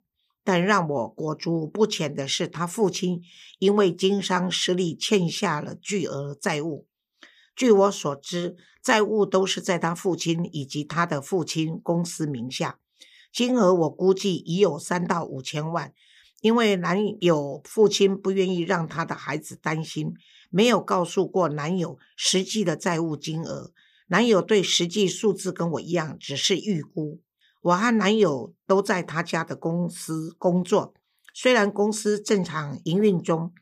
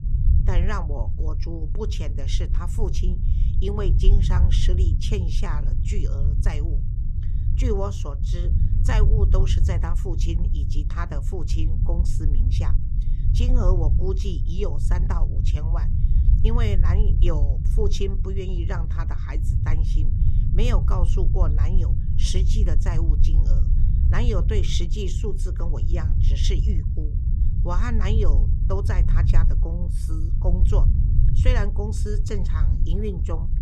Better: first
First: none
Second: low rumble; loud; throughout; 6 dB below the speech

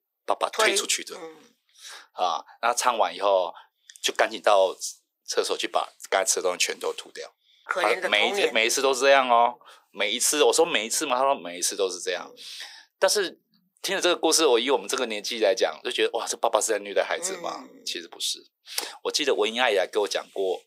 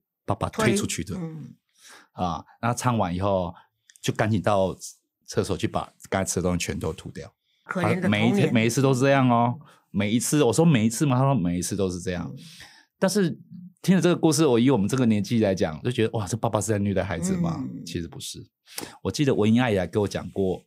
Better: second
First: thin; very; fading below 450 Hz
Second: none

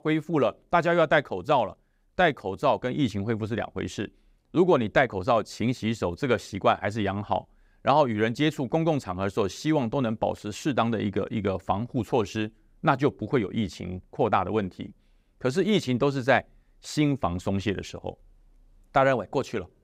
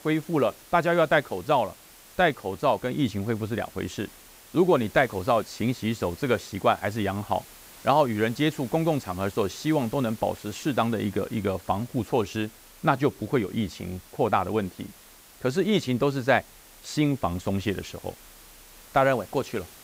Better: first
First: none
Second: hiss; faint; throughout; 20 dB below the speech

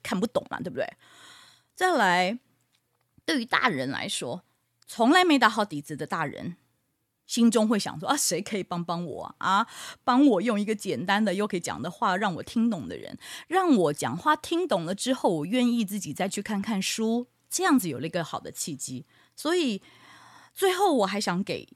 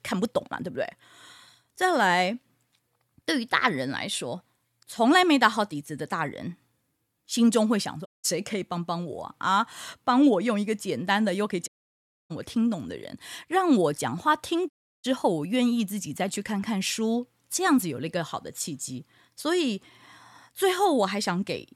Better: first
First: none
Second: audio cutting out; at 8 s, at 12 s for 0.5 s and at 15 s

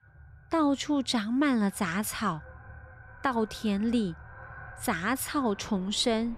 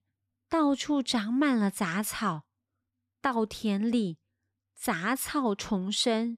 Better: second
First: animal sounds; faint; throughout; 20 dB below the speech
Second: none

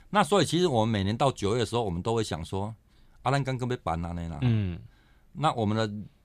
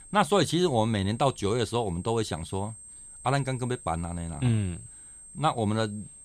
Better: first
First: none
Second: high-pitched whine; noticeable; throughout; 8.5 kHz, 15 dB below the speech

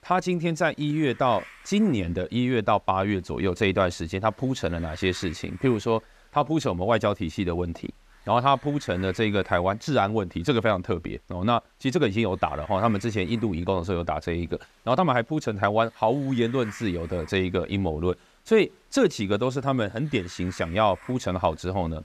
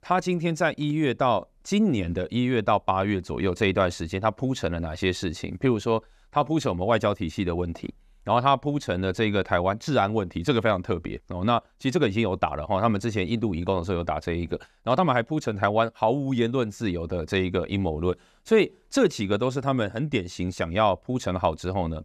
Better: second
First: hiss; faint; throughout; 25 dB below the speech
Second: none

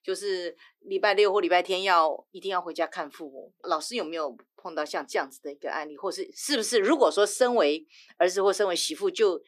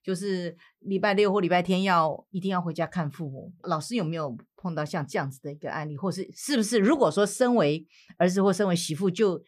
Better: second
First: thin; somewhat; fading below 300 Hz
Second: none

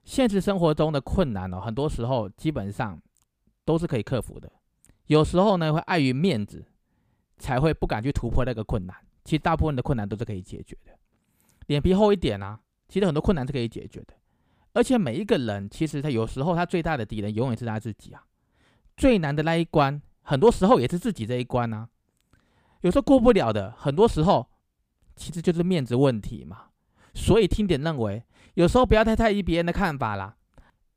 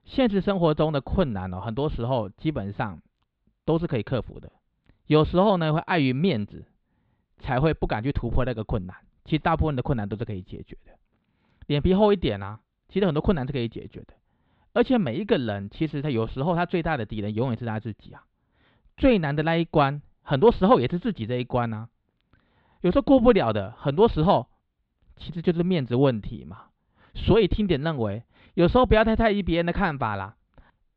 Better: first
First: none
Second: muffled; very slightly; fading above 4 kHz

